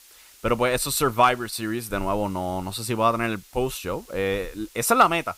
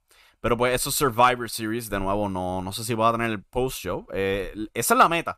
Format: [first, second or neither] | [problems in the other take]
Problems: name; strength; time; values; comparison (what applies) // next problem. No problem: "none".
second | hiss; faint; throughout; 25 dB below the speech